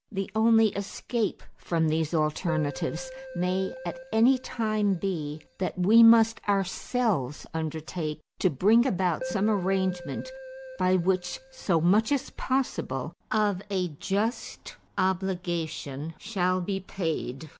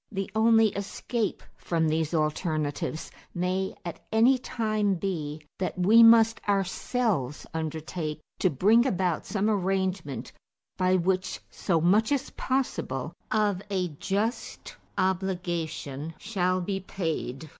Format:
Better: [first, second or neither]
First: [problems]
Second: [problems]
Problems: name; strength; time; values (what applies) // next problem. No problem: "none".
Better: second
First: background sound (Keyboard (musical)); 14 dB below the speech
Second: none